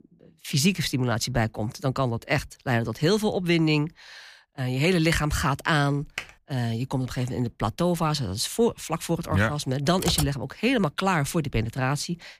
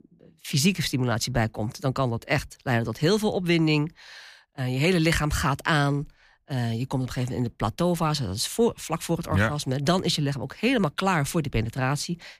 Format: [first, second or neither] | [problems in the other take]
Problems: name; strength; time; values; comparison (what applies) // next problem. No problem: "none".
second | keyboard typing; faint; at 6 s; peak 10 dB below the speech // keyboard typing; noticeable; at 10 s; peak 3 dB below the speech